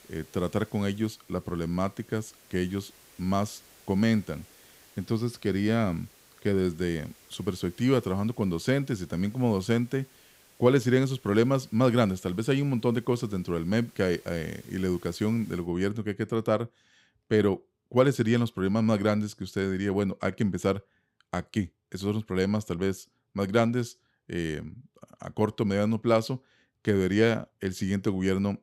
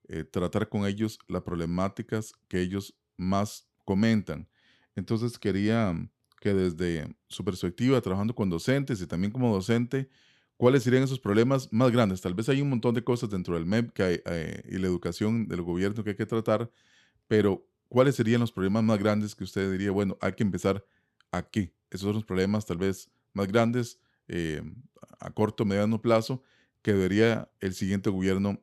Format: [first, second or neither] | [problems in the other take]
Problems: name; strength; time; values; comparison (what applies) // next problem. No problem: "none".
second | hiss; faint; until 16 s; 25 dB below the speech